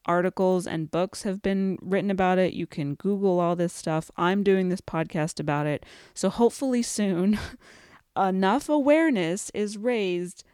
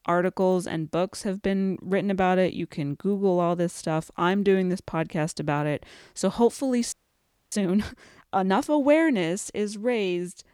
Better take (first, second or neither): first